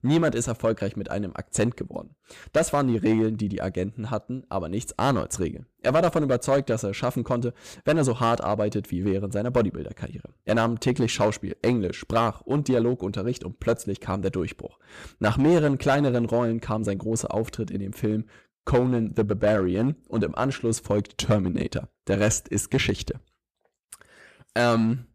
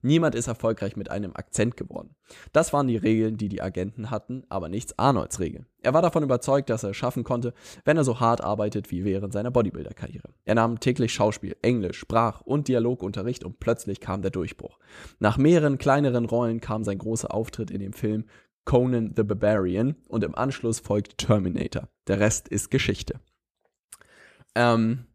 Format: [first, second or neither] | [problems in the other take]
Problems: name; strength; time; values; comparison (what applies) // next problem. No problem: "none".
second | distortion; slight; 3% of the sound clipped